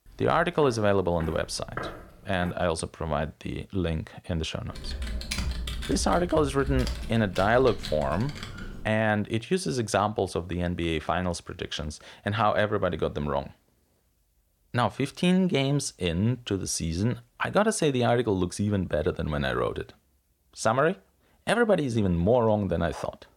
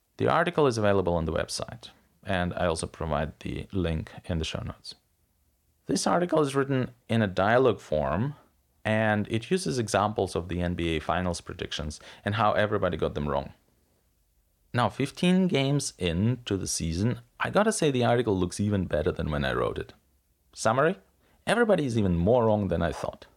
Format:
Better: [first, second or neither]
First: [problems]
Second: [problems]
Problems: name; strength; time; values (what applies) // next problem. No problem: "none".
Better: second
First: footsteps; noticeable; until 2.5 s; peak 10 dB below the speech // keyboard typing; noticeable; from 4.5 to 9 s; peak 4 dB below the speech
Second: none